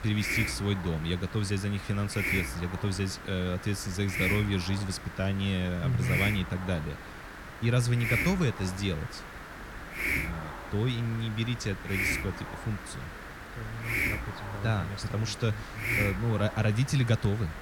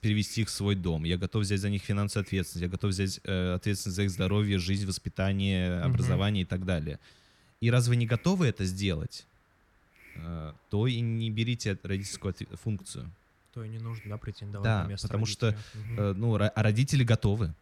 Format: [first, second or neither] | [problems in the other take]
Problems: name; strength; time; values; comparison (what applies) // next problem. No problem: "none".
second | hiss; loud; throughout; 4 dB below the speech; faint in the second